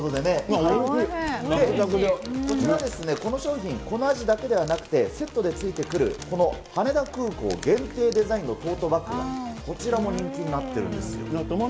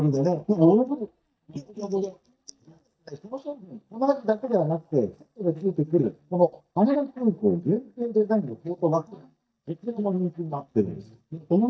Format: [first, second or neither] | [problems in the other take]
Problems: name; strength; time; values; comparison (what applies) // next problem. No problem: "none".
first | noise reduction (neural mask model DeepFilterNet 3)